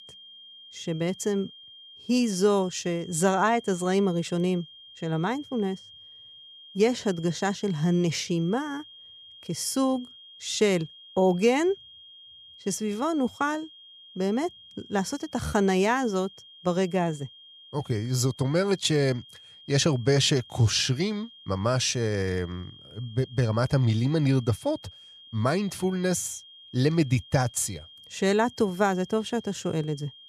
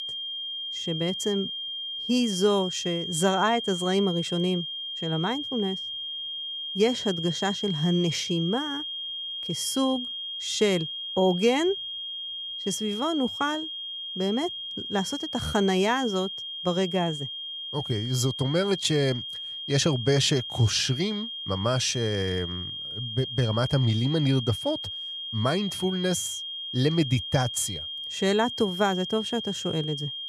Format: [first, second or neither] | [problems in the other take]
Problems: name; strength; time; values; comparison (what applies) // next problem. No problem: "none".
first | high-pitched whine; loud; throughout; 3 kHz, 5 dB below the speech; faint in the first